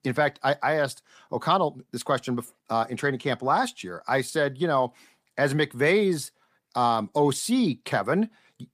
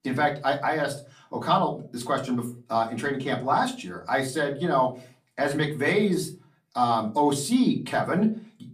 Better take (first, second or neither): first